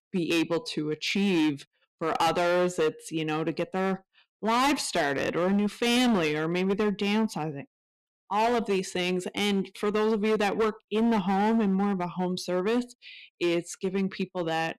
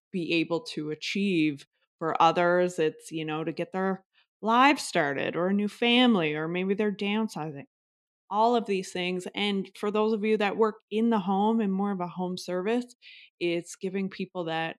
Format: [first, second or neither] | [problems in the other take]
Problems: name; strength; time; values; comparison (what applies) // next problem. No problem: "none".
second | distortion; heavy; 12% of the sound clipped